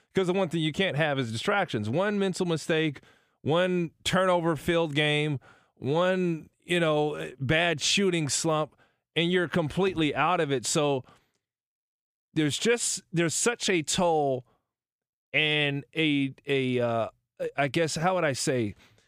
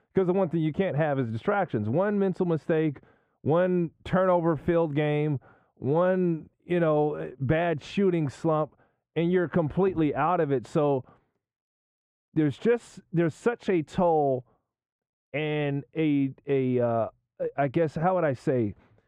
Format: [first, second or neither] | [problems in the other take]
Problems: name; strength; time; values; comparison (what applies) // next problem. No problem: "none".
first | muffled; very; fading above 2.5 kHz